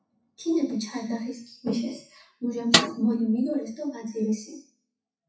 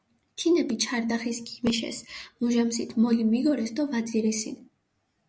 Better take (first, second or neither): second